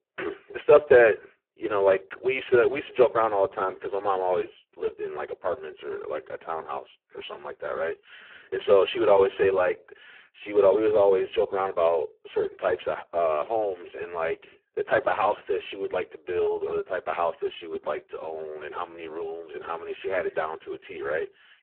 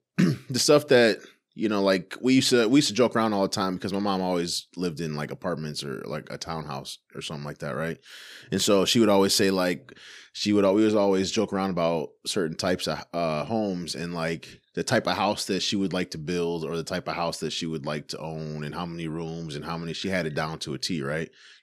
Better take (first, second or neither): second